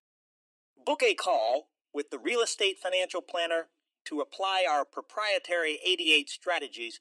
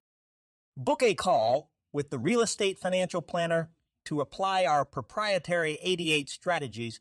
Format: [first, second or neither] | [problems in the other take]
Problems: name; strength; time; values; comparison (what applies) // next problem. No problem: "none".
second | thin; somewhat; fading below 300 Hz